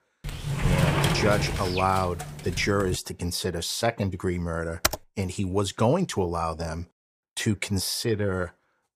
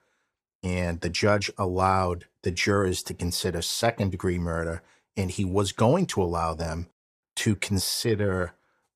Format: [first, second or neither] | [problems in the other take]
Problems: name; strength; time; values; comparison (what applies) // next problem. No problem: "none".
second | door banging; loud; until 3 s; peak 4 dB above the speech // keyboard typing; loud; at 5 s; peak level with the speech